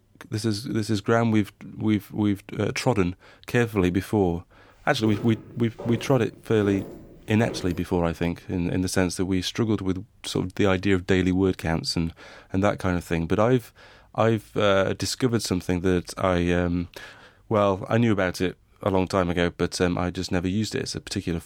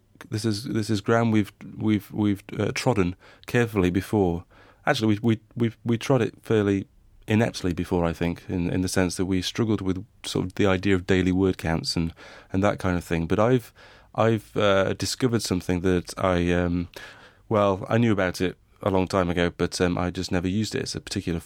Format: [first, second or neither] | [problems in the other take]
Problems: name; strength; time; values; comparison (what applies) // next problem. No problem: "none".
second | footsteps; noticeable; from 5 to 8 s; peak 10 dB below the speech